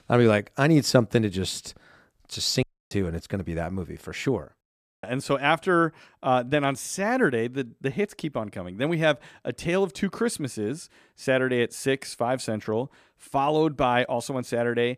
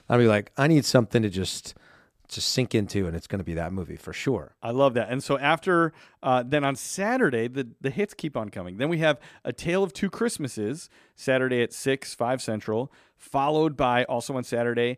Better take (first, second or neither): second